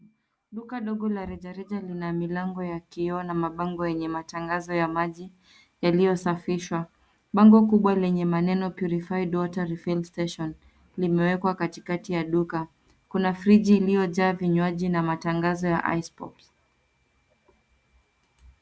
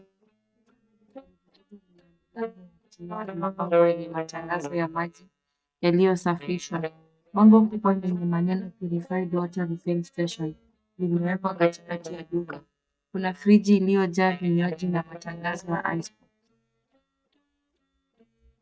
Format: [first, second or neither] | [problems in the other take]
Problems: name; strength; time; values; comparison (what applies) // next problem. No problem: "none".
first | noise reduction (neural mask model DeepFilterNet 3)